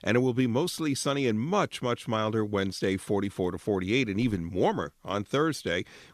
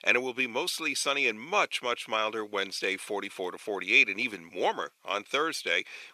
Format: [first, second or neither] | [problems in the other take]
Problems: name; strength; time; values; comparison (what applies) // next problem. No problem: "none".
first | thin; somewhat; fading below 550 Hz